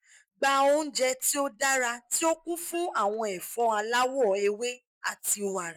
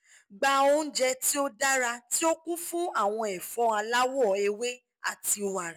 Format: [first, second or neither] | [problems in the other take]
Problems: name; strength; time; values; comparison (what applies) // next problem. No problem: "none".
second | noise reduction (neural mask model Resemble Enhance denoiser)